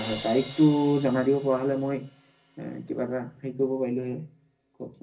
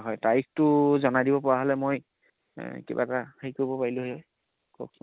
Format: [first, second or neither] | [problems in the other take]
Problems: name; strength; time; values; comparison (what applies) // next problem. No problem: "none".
second | background sound (Crash cymbal); 19 dB below the speech // room echo; dies away in 0.4 s